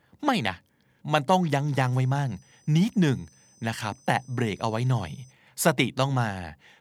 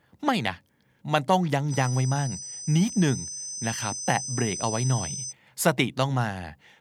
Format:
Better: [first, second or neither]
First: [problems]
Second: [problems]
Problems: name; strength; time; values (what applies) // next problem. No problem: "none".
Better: first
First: high-pitched whine; faint; from 1.5 to 5.5 s; 6 kHz, 30 dB below the speech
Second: high-pitched whine; loud; from 1.5 to 5.5 s; 6 kHz, 6 dB below the speech